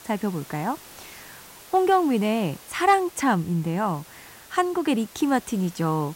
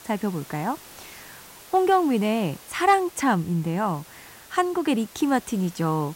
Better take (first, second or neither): neither